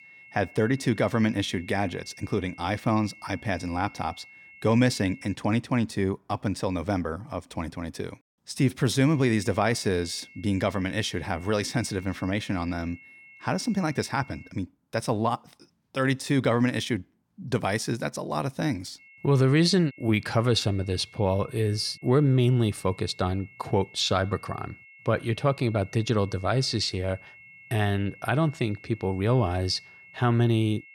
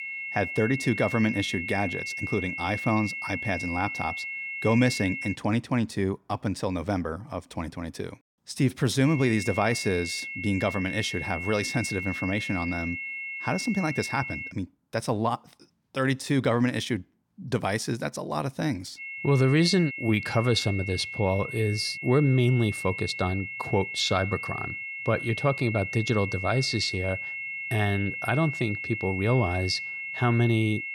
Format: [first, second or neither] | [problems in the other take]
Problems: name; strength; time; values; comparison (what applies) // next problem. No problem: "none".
first | high-pitched whine; loud; until 5.5 s, from 9 to 15 s and from 19 s on; 2 kHz, 6 dB below the speech; faint in the first